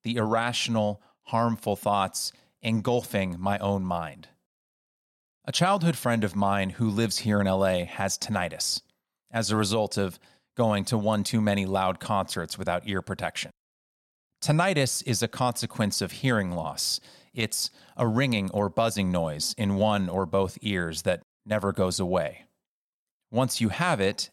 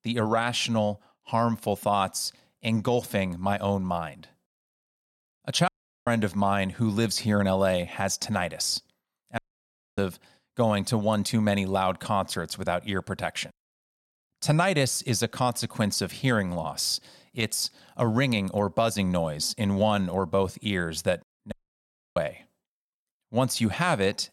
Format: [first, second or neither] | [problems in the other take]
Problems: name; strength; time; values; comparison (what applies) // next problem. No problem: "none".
first | audio cutting out; at 5.5 s, at 9.5 s for 0.5 s and at 22 s for 0.5 s